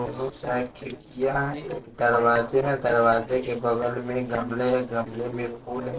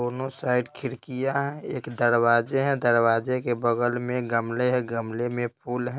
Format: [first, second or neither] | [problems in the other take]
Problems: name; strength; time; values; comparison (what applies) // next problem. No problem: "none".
second | noise reduction (neural separator model SepFormer DNS4)